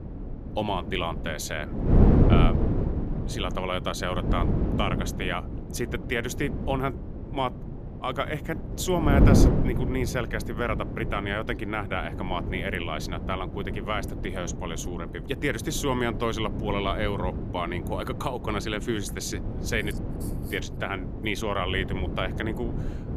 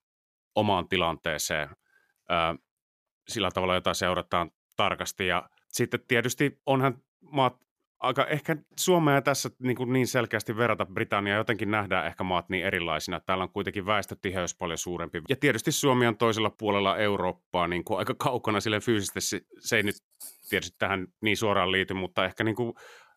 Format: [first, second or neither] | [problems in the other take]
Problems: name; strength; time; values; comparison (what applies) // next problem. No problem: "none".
second | wind noise on the microphone; heavy; 6 dB below the speech